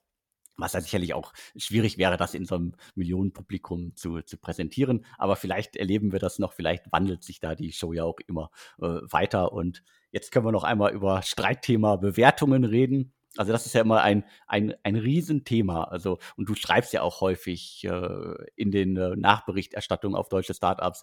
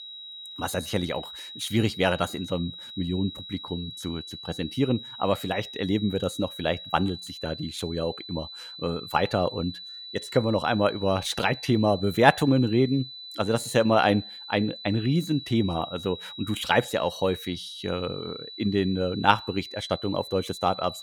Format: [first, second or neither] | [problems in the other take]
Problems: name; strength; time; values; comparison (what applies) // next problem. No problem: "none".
first | high-pitched whine; noticeable; throughout; 4 kHz, 10 dB below the speech